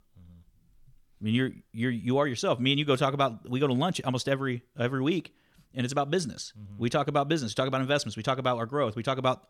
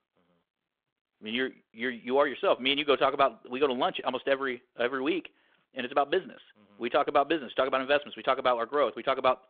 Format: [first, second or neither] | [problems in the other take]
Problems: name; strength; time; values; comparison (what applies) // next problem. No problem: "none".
first | phone-call audio; nothing above 3.5 kHz